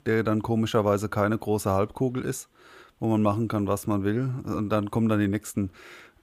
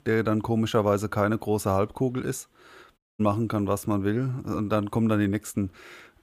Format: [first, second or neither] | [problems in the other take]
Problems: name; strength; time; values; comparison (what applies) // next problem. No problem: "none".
first | audio cutting out; at 3 s